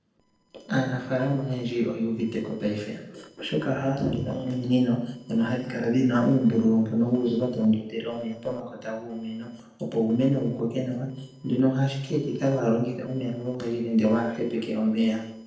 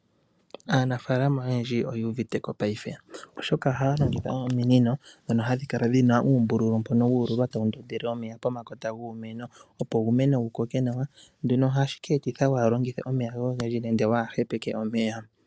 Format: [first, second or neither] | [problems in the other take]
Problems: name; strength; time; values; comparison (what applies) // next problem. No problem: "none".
second | noise reduction (neural separator model SepFormer DNS4)